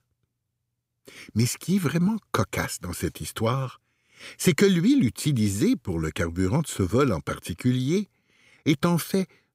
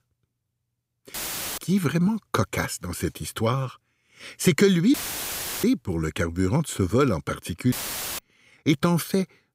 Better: first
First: none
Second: audio cutting out; filled with static; at 1 s, at 5 s for 0.5 s and at 7.5 s

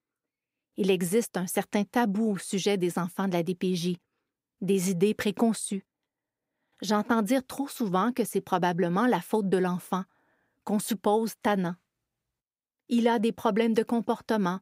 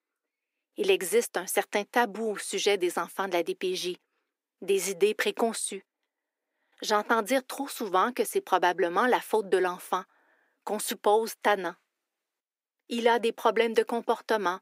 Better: first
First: none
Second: thin; somewhat; fading below 300 Hz

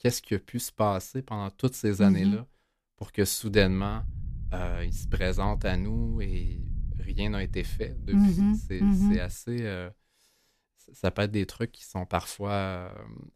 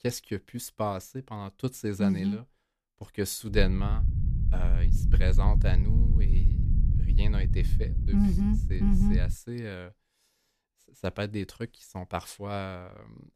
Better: first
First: low rumble; faint; from 3.5 to 9.5 s; 20 dB below the speech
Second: low rumble; loud; from 3.5 to 9.5 s; 8 dB below the speech

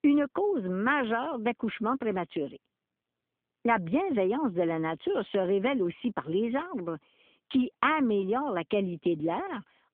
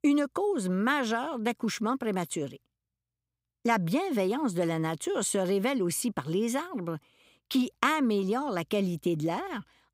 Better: second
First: phone-call audio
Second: none

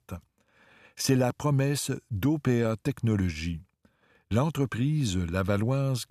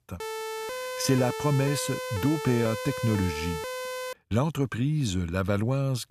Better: first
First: none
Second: siren; noticeable; until 4 s; peak 6 dB below the speech

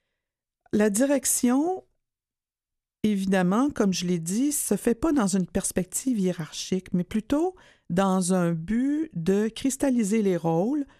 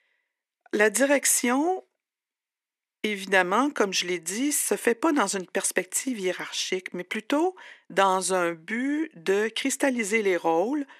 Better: first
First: none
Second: thin; somewhat; fading below 300 Hz

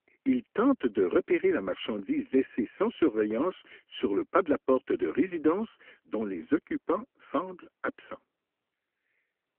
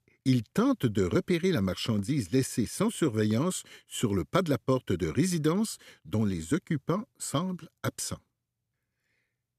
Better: second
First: phone-call audio; nothing above 3 kHz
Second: none

